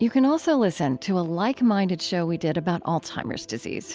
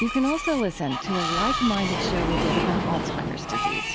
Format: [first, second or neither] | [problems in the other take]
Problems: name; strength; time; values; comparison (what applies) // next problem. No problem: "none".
first | background sound (Sliding door + Screech); as loud as the speech